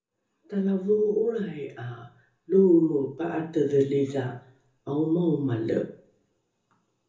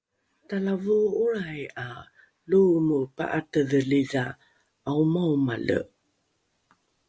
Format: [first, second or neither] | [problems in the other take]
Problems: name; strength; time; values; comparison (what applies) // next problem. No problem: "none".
second | room echo; dies away in 0.7 s